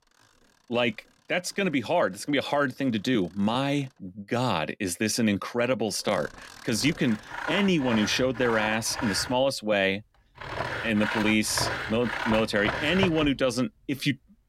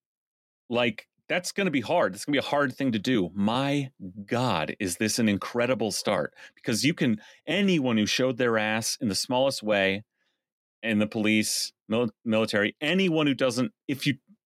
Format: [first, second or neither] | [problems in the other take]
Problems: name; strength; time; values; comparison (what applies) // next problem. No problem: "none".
second | machinery noise; loud; throughout; 7 dB below the speech